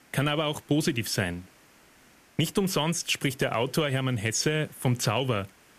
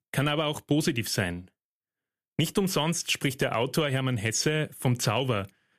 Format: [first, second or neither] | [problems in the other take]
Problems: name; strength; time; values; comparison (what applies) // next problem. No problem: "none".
second | hiss; faint; throughout; 30 dB below the speech